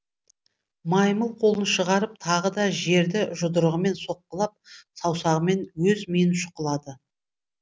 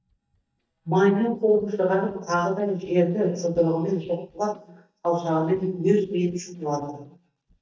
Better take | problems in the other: first | noise reduction (neural mask model DeepFilterNet 3)

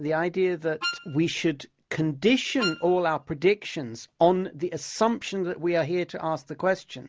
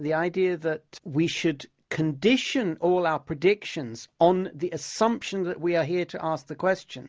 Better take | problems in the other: second | background sound (Wind instrument, woodwind instrument); 8 dB below the speech

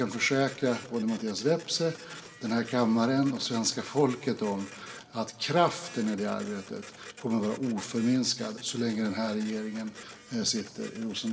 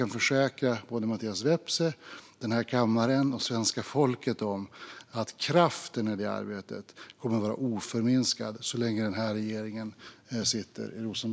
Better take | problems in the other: second | background sound (Printer); 19 dB below the speech // room echo; dies away in 1.8 s

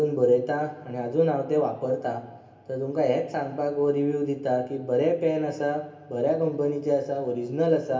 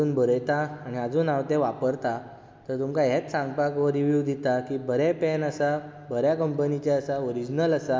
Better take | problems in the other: second | room echo; dies away in 0.3 s

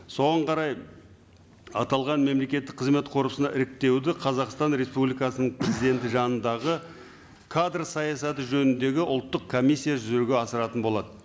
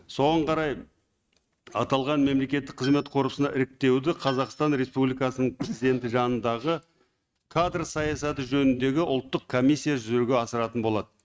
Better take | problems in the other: first | noise reduction (neural mask model RNNoise)

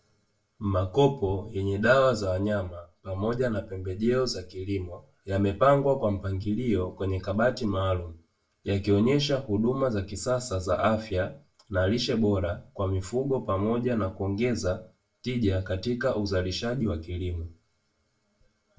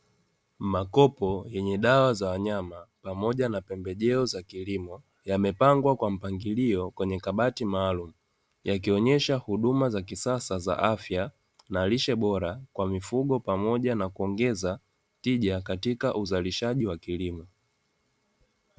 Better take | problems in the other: second | room echo; dies away in 0.2 s

